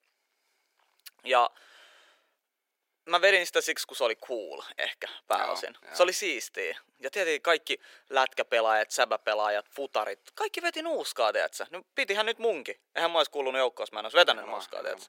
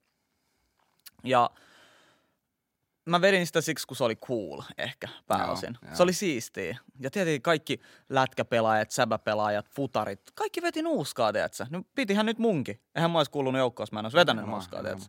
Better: second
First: thin; very; fading below 400 Hz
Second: none

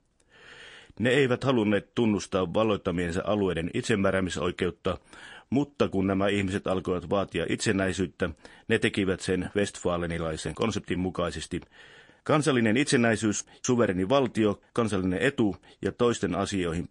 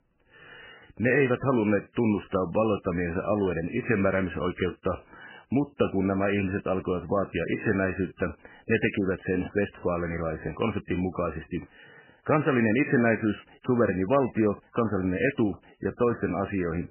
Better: first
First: garbled, watery; slightly; nothing above 8.5 kHz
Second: garbled, watery; badly; nothing above 3 kHz

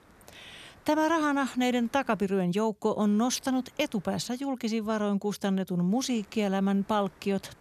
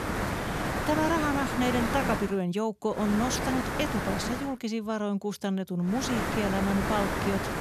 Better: first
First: hiss; faint; until 2.5 s, from 3 to 4.5 s and from 6 s on; 30 dB below the speech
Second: hiss; loud; until 2.5 s, from 3 to 4.5 s and from 6 s on; 1 dB below the speech

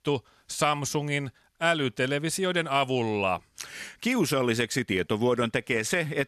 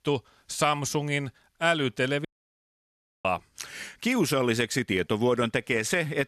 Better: first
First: none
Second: audio cutting out; at 2.5 s for 1 s

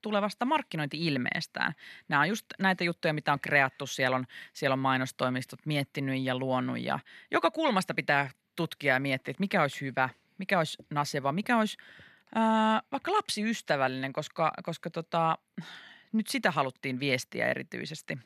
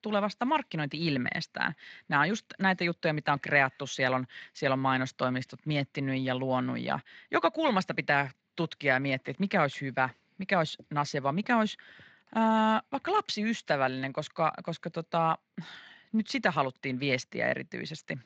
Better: first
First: none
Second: garbled, watery; slightly; nothing above 7.5 kHz

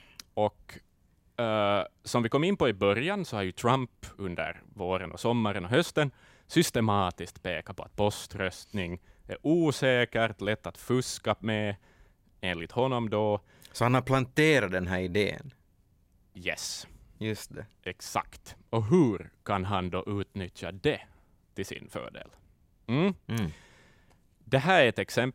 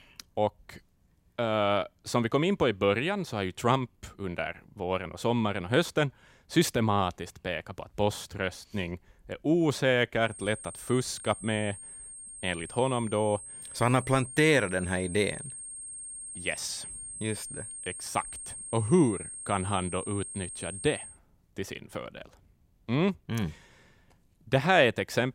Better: first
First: none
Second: high-pitched whine; noticeable; from 10 to 21 s; 8.5 kHz, 10 dB below the speech

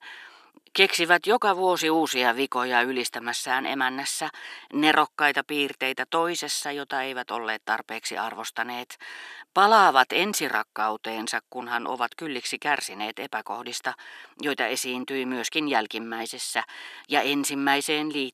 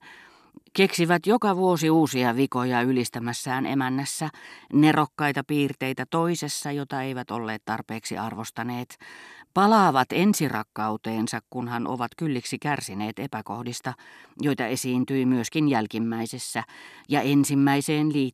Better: second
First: thin; somewhat; fading below 500 Hz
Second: none

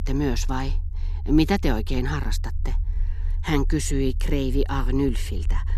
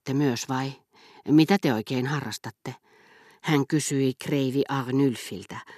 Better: second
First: low rumble; faint; throughout; 20 dB below the speech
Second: none

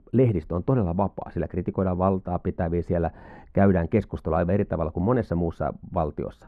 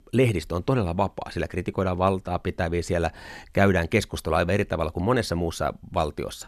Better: second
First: muffled; very; fading above 2.5 kHz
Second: none

